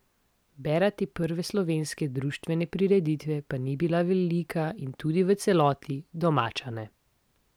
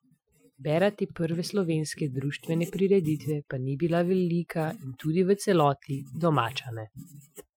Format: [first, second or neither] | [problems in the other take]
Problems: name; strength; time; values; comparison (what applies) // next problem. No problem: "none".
first | noise reduction (classical method Wiener filter)